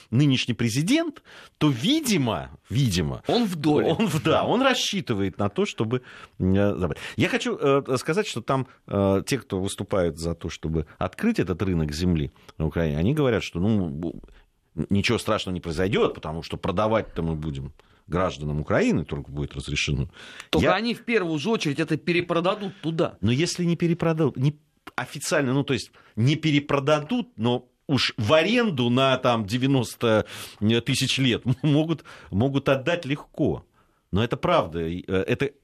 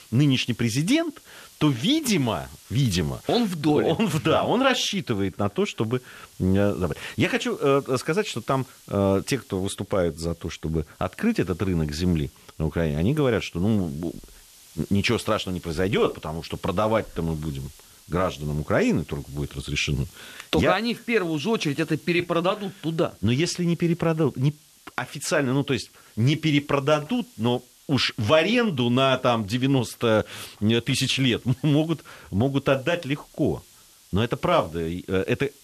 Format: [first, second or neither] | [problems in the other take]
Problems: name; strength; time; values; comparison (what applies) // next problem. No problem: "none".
first | hiss; faint; throughout; 25 dB below the speech